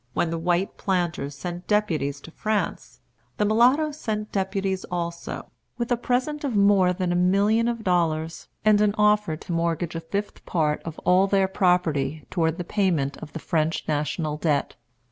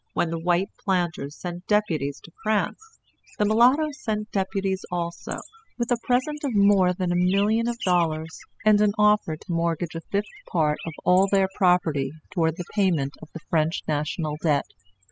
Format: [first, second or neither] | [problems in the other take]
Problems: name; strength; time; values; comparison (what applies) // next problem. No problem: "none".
first | noise reduction (classical method spectral subtraction)